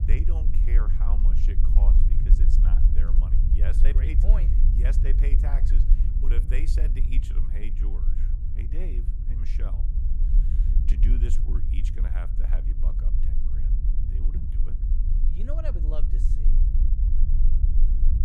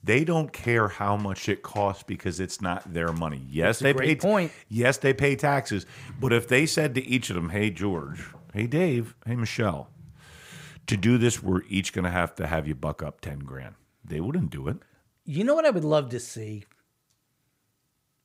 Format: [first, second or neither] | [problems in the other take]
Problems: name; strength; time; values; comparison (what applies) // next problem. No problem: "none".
second | low rumble; loud; throughout; 2 dB below the speech